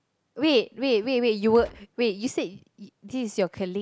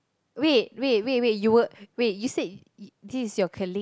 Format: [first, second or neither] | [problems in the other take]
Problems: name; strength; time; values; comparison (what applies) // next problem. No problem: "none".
second | background sound (Gunshot, gunfire); 17 dB below the speech